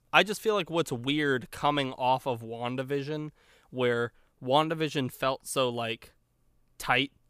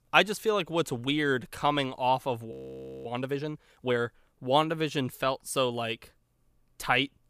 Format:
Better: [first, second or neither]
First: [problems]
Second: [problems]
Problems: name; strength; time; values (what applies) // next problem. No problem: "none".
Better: first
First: none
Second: audio freezing; at 2.5 s for 0.5 s